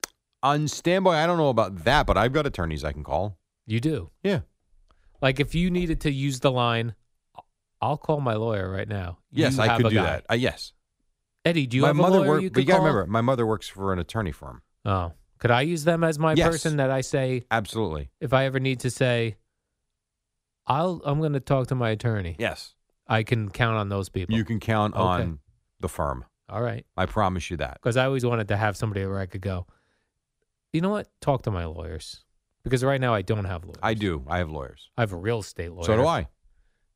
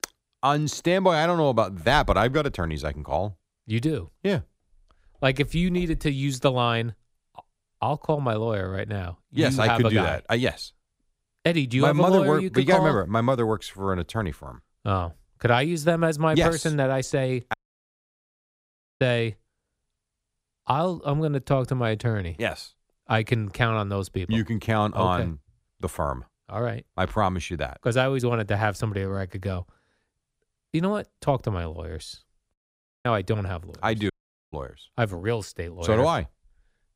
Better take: first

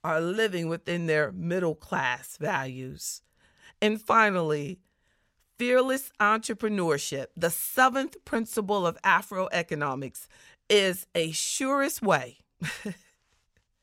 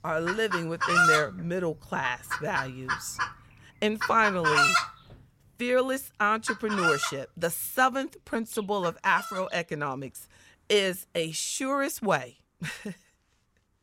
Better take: first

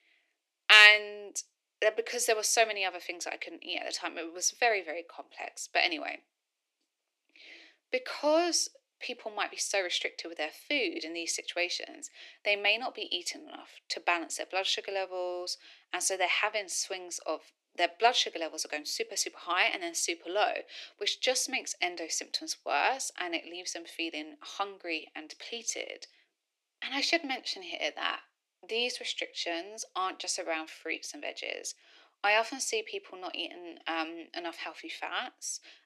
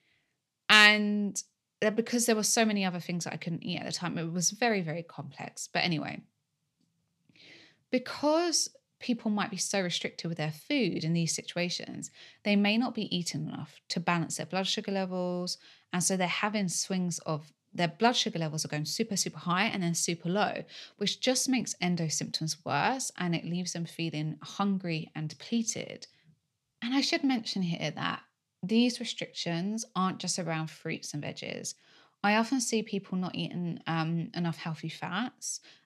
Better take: second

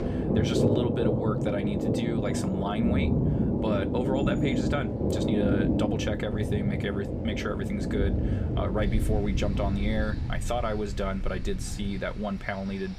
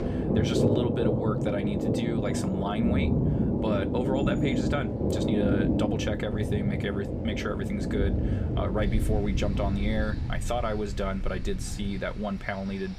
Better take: neither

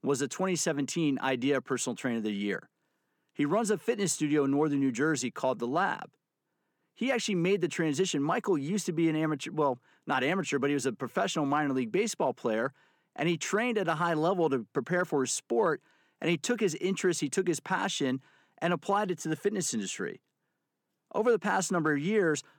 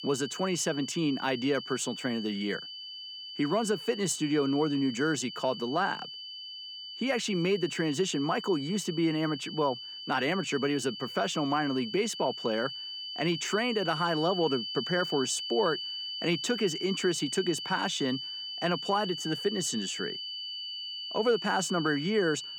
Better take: first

